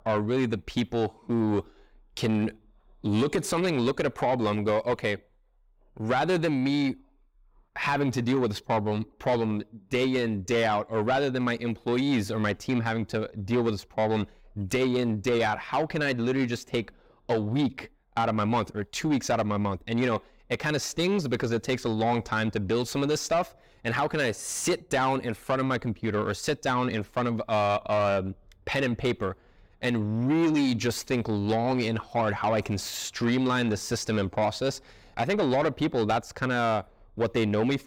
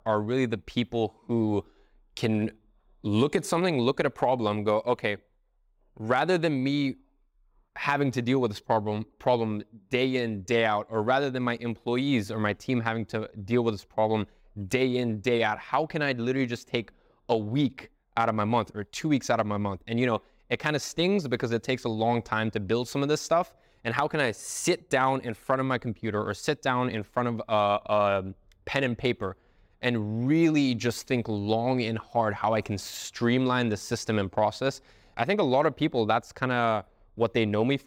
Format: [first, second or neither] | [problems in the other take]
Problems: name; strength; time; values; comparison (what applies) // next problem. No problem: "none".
second | distortion; slight; 10 dB below the speech